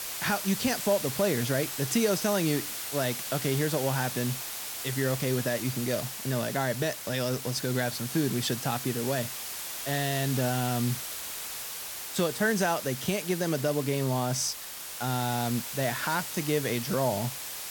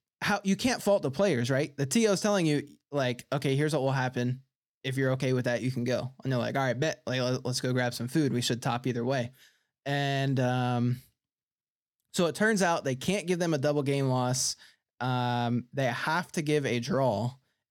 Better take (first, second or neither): second